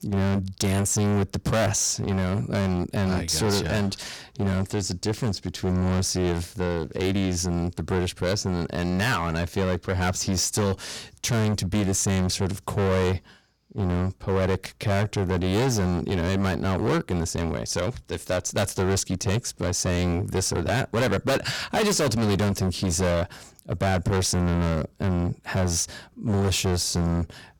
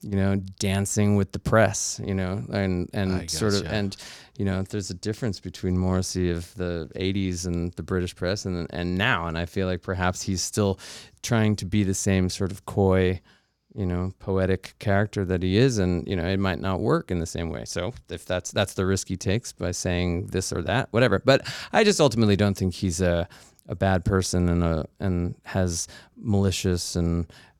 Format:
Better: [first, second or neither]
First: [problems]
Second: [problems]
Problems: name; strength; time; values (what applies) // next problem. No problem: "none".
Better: second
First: distortion; heavy; 19% of the sound clipped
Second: none